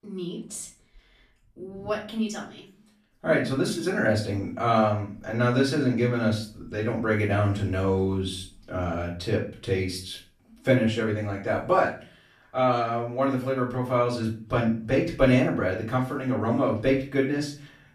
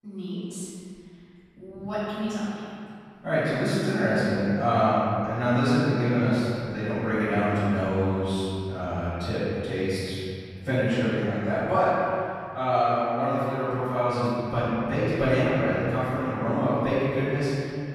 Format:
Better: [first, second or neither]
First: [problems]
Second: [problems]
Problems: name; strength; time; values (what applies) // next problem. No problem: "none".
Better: first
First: room echo; slight; dies away in 0.3 s // off-mic speech; far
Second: room echo; strong; dies away in 2.4 s // off-mic speech; far